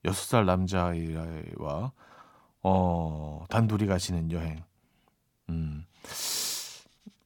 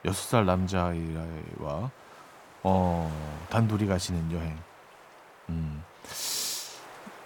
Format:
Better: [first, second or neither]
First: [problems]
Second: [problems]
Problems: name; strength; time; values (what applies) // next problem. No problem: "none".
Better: first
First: none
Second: wind noise on the microphone; occasional gusts; 15 dB below the speech